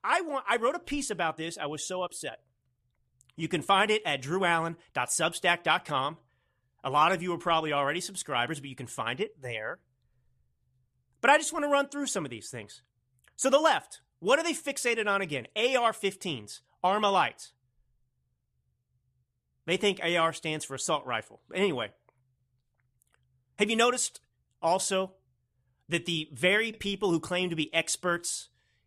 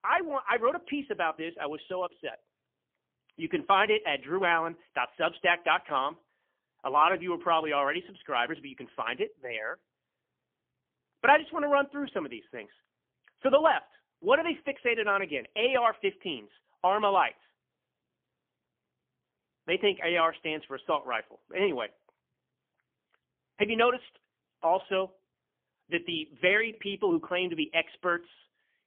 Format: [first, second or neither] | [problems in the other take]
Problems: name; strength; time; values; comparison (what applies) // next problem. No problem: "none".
first | phone-call audio; poor line; nothing above 3.5 kHz